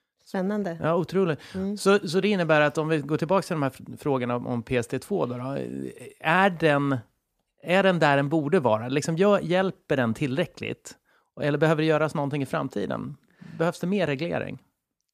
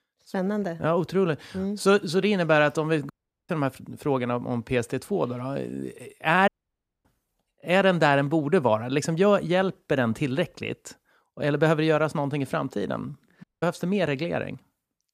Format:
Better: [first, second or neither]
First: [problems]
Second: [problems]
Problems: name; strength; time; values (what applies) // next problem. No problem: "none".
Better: first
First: none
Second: audio cutting out; at 3 s, at 6.5 s for 0.5 s and at 13 s